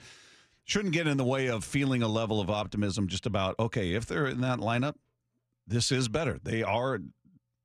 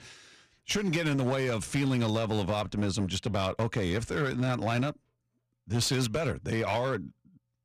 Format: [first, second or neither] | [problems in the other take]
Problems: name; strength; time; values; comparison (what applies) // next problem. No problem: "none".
first | distortion; slight; 11% of the sound clipped